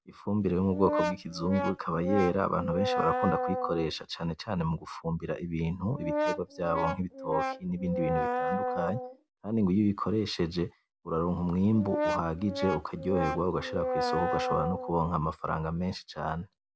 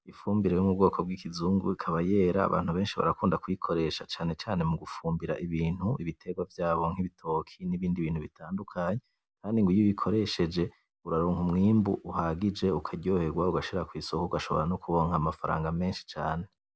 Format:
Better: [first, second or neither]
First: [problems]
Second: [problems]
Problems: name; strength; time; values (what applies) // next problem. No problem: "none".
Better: second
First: background sound (Brass instrument); 3 dB below the speech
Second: none